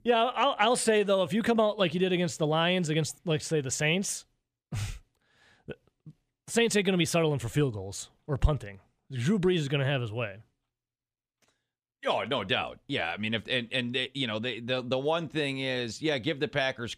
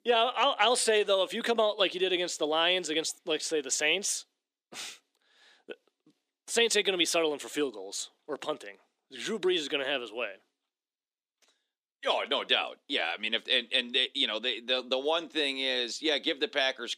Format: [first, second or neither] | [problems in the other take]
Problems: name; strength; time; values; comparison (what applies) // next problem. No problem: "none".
first | thin; somewhat; fading below 300 Hz